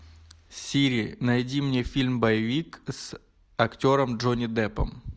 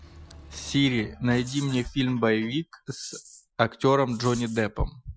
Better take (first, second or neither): first